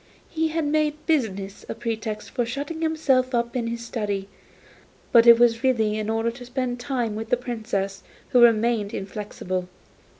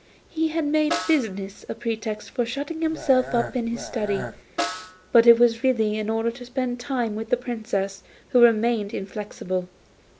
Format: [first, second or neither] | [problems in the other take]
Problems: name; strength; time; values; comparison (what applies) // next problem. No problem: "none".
first | background sound (Snare drum + Burping, eructation); 11 dB below the speech